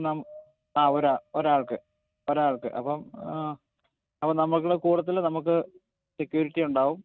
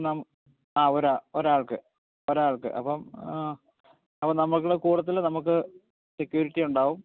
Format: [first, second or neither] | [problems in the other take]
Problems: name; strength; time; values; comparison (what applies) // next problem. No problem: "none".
second | noise reduction (neural mask model RNNoise)